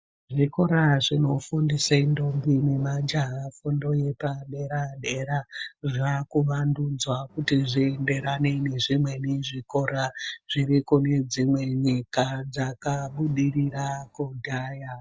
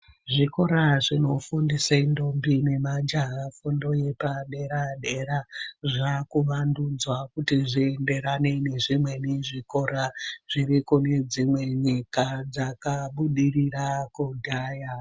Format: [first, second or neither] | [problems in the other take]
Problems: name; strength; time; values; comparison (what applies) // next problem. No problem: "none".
second | noise reduction (neural mask model DeepFilterNet 3)